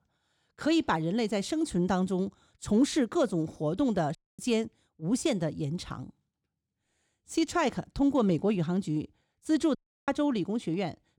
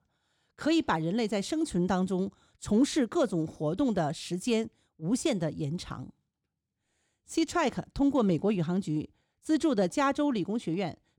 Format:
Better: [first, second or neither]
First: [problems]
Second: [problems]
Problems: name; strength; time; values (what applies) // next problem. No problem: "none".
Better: second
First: audio cutting out; at 4 s and at 10 s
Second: none